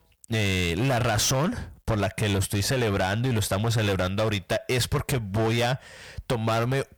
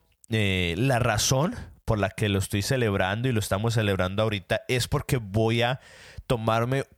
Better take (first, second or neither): second